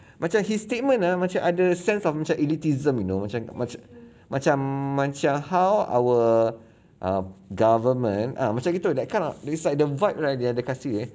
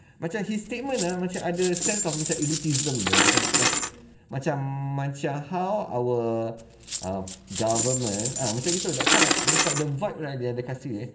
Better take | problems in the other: first | background sound (Coin (dropping)); 2 dB above the speech // room echo; dies away in 1.2 s

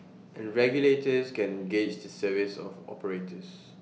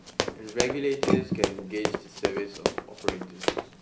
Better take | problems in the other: first | background sound (Run); 4 dB above the speech

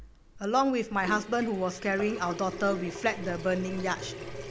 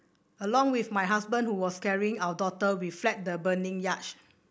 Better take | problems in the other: second | background sound (Sink (filling or washing) / Water tap, faucet); 10 dB below the speech

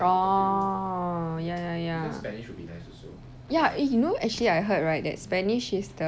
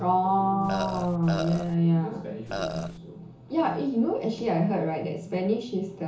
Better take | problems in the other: first | background sound (Burping, eructation); 7 dB below the speech // room echo; dies away in 0.7 s

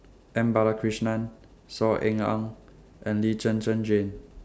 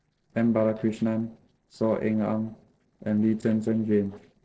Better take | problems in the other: first | noise reduction (neural separator model SepFormer DNS4)

